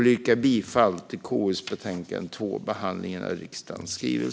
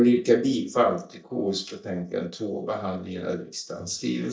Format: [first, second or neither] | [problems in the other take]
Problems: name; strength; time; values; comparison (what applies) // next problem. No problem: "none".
first | noise reduction (neural mask model DeepFilterNet 3)